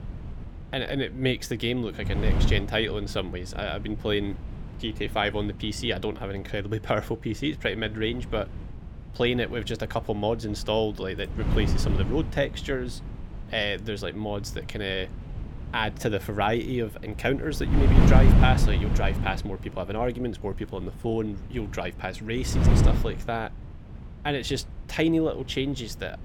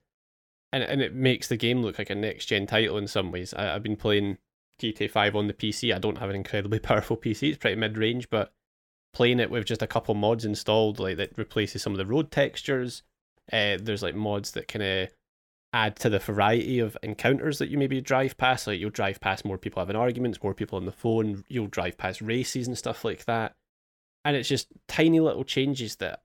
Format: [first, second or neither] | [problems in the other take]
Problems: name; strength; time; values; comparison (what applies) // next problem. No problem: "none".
second | wind noise on the microphone; heavy; 8 dB below the speech